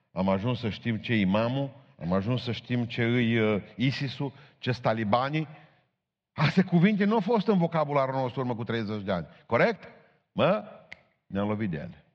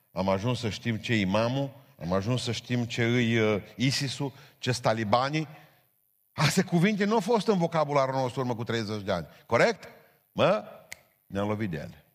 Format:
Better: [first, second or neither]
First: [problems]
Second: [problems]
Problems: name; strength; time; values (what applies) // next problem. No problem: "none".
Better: second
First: muffled; slightly; fading above 4 kHz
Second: none